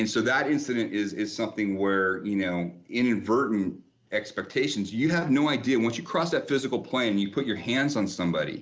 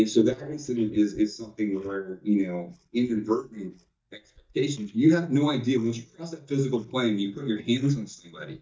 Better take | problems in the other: first | noise reduction (neural mask model DeepFilterNet 3)

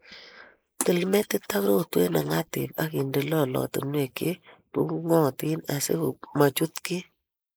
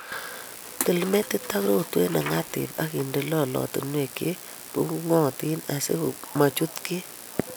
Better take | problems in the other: second | noise reduction (neural mask model Resemble Enhance denoiser)

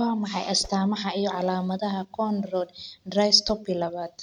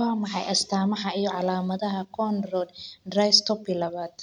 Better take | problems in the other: second | background sound (Whoosh, swoosh, swish); 19 dB below the speech

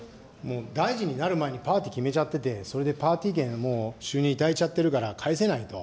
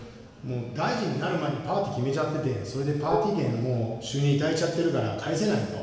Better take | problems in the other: first | background sound (Dishes, pots, and pans); 7 dB below the speech // room echo; dies away in 1.1 s

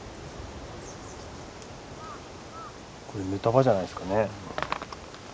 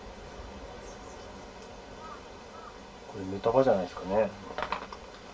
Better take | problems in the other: first | room echo; dies away in 0.1 s

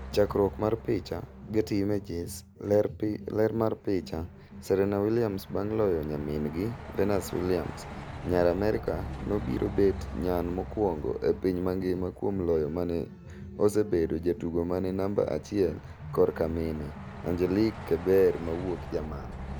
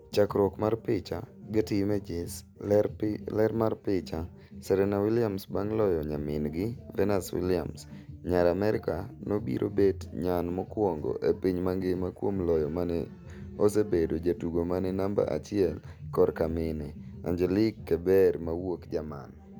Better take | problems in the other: second | background sound (Truck); 15 dB below the speech

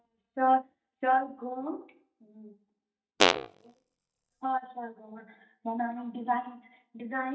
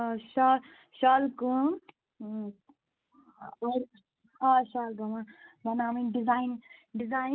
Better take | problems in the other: second | noise reduction (neural mask model DeepFilterNet 3)

